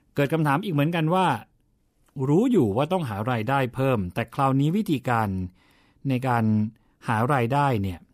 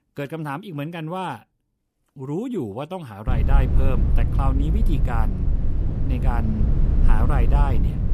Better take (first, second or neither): first